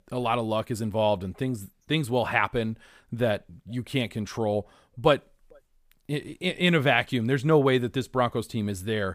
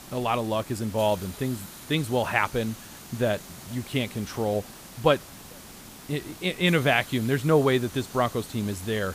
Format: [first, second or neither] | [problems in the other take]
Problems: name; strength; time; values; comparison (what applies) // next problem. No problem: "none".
first | hiss; noticeable; throughout; 15 dB below the speech